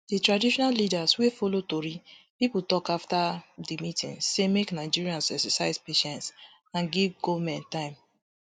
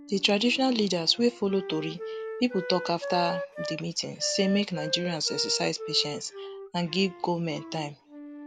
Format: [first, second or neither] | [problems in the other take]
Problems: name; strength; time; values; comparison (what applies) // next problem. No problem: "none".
first | background sound (Wind instrument, woodwind instrument); 10 dB below the speech